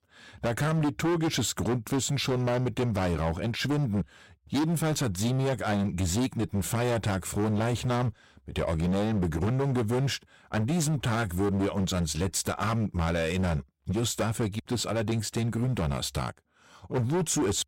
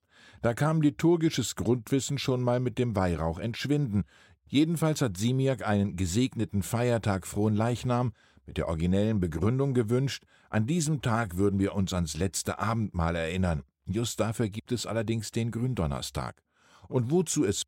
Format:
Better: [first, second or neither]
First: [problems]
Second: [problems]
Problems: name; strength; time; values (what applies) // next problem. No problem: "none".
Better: second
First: distortion; heavy; 20% of the sound clipped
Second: none